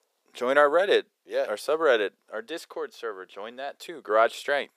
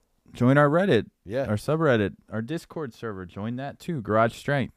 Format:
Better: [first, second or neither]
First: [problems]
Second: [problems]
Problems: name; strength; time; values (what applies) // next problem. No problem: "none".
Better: second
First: thin; very; fading below 450 Hz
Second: none